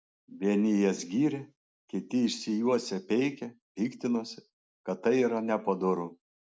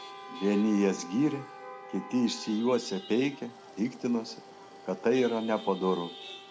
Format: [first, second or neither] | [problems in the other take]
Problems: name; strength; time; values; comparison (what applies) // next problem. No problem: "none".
first | background sound (Wind instrument, woodwind instrument + Chatter / Traffic noise, roadway noise / Vehicle horn, car horn, honking / Engine); 16 dB below the speech